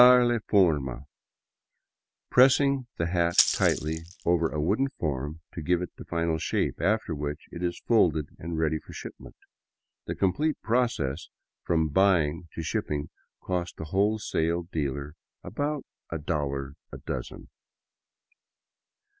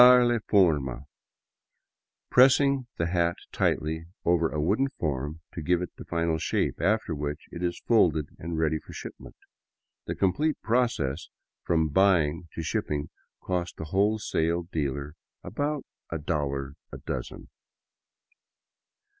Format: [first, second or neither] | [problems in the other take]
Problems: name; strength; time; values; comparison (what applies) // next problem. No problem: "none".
second | background sound (Rattle (instrument)); 4 dB below the speech